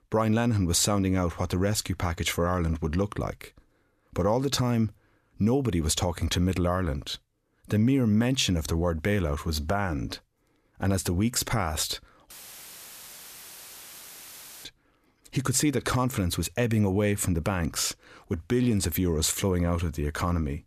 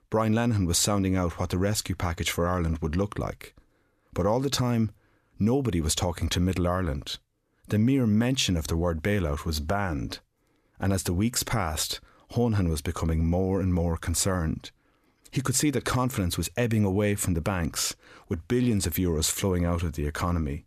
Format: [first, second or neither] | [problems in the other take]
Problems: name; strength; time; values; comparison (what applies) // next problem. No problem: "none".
second | audio cutting out; filled with static; at 12 s for 2.5 s